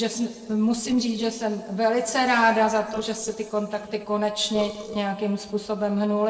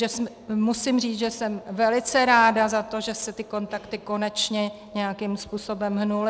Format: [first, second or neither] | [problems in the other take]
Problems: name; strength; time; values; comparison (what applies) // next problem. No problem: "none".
second | noise reduction (neural separator model SepFormer DNS4)